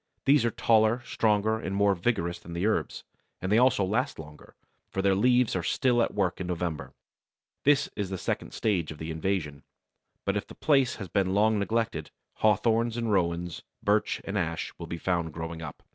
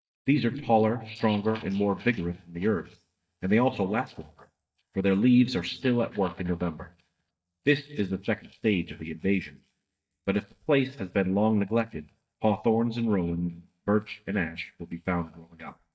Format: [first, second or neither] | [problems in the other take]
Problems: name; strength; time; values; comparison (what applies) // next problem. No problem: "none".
first | noise reduction (neural mask model DeepFilterNet 3)